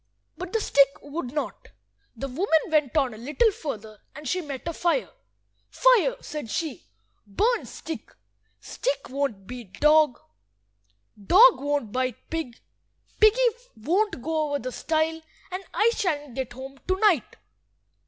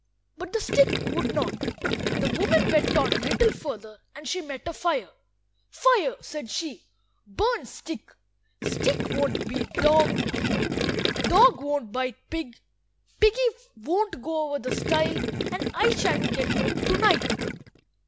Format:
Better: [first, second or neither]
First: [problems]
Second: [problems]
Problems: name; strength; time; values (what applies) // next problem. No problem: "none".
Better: first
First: none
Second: background sound (Gurgling); as loud as the speech